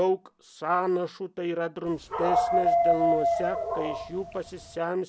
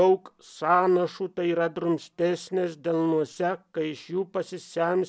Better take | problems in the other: second | background sound (Dog); 4 dB above the speech

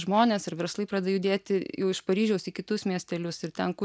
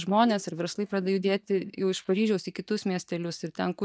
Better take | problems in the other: first | noise reduction (neural mask model DeepFilterNet 3)

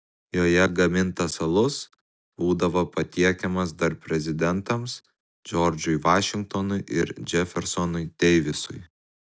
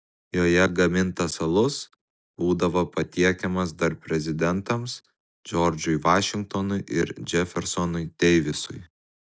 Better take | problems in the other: first | noise reduction (neural mask model Resemble Enhance denoiser)

